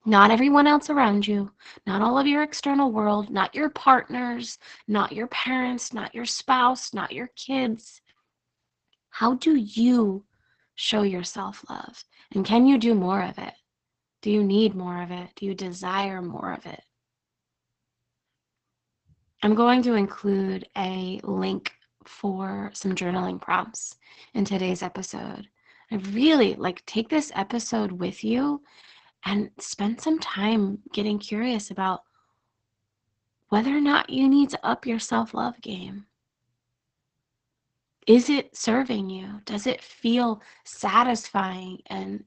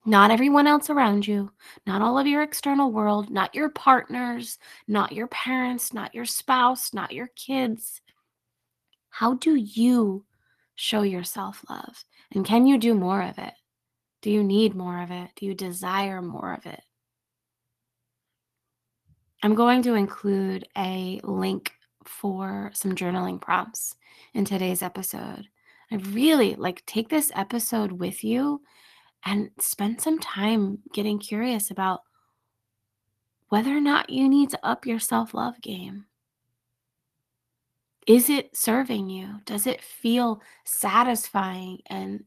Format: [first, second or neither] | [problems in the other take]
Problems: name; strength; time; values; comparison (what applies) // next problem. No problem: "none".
second | garbled, watery; badly; nothing above 8 kHz; slightly in the second